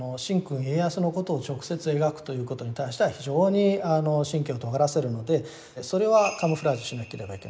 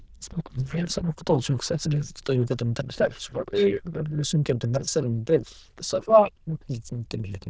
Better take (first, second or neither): first